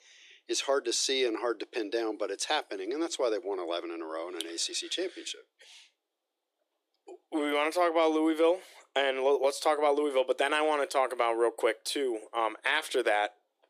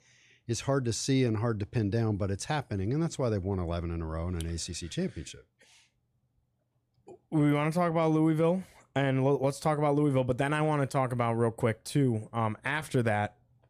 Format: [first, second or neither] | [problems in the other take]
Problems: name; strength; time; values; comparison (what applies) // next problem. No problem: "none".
second | thin; very; fading below 350 Hz